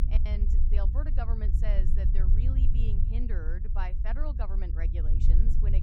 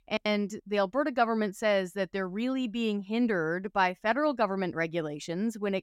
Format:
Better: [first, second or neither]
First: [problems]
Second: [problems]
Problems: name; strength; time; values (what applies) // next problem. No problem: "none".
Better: second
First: low rumble; loud; throughout; 4 dB below the speech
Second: none